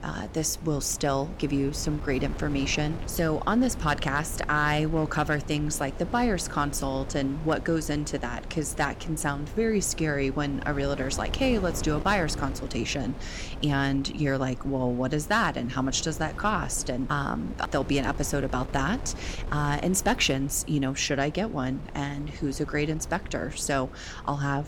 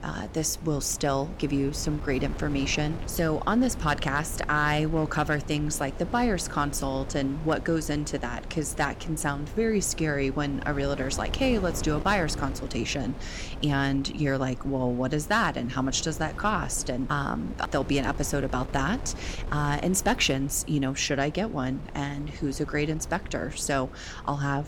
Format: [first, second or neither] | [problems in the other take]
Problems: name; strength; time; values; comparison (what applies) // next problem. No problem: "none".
neither | wind noise on the microphone; occasional gusts; 15 dB below the speech; the same in both